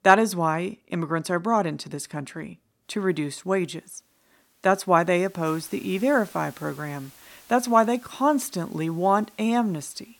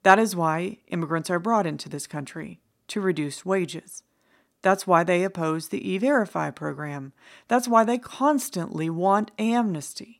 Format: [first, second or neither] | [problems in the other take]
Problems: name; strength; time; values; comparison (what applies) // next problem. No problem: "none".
second | hiss; faint; from 3 s on; 25 dB below the speech